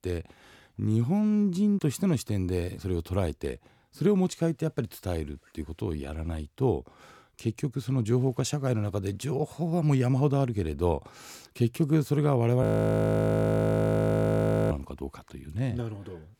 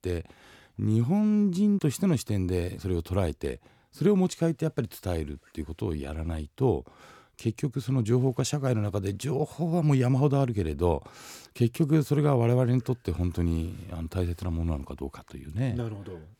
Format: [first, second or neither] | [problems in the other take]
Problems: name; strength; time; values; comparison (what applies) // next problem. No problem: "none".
second | audio freezing; at 13 s for 2 s